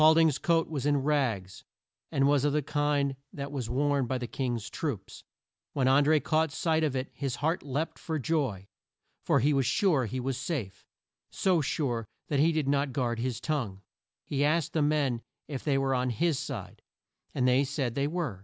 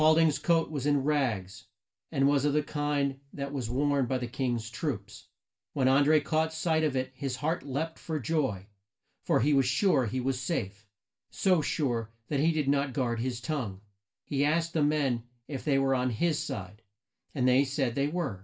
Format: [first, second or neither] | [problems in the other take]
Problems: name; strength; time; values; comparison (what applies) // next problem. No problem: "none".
first | room echo; dies away in 0.2 s